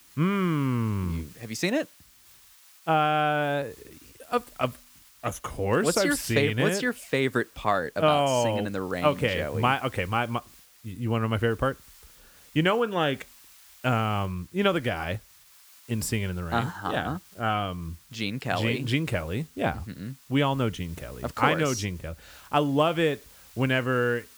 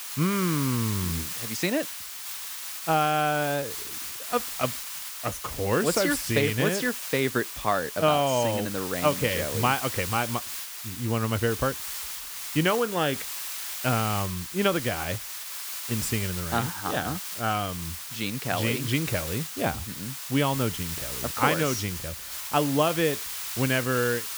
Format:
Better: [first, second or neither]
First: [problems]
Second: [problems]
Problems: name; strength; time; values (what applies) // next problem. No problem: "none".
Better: first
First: hiss; faint; throughout; 25 dB below the speech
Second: hiss; loud; throughout; 5 dB below the speech